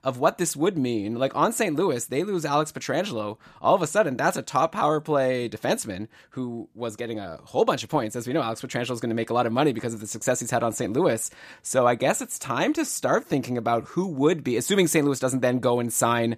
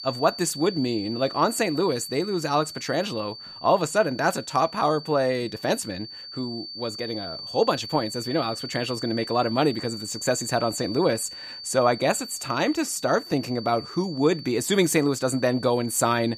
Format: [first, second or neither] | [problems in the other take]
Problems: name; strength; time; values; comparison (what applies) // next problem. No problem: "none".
first | high-pitched whine; noticeable; throughout; 4.5 kHz, 10 dB below the speech